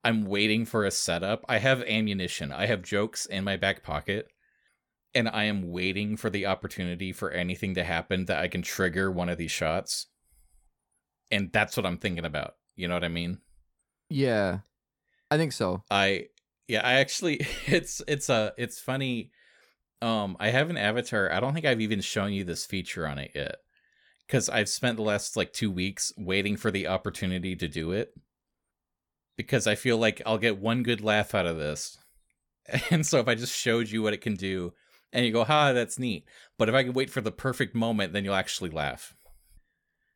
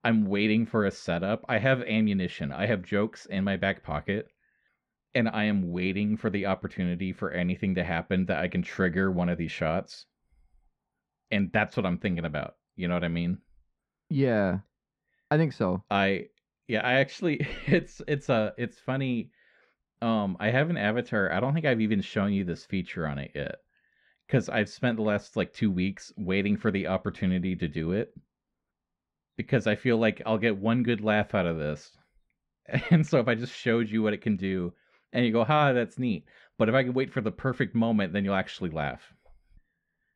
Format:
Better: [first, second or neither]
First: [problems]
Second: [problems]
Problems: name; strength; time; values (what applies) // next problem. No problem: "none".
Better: first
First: none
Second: muffled; slightly; fading above 2.5 kHz